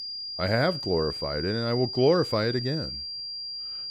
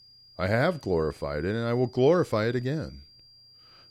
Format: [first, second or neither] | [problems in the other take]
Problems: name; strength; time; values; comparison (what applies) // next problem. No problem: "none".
second | high-pitched whine; loud; throughout; 5 kHz, 6 dB below the speech; faint in the second